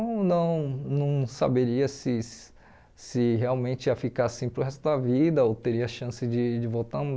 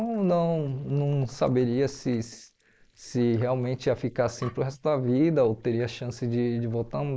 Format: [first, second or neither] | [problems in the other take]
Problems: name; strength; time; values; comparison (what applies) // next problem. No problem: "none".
first | noise reduction (neural mask model Resemble Enhance denoiser)